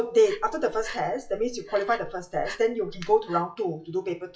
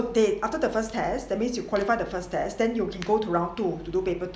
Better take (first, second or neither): second